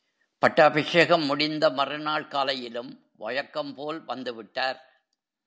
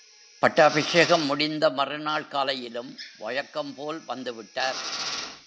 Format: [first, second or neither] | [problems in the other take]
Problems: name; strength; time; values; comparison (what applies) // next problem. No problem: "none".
first | background sound (Drill); 12 dB below the speech